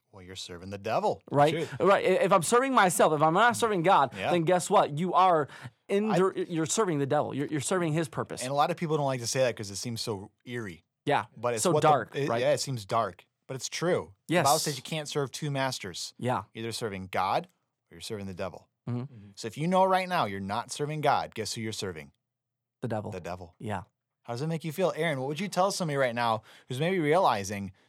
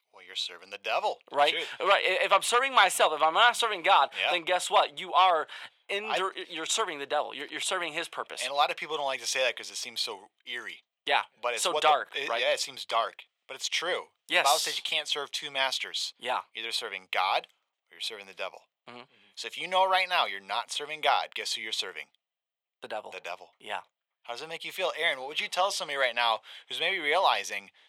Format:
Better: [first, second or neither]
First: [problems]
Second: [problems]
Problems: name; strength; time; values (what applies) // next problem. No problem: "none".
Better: first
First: none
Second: thin; very; fading below 700 Hz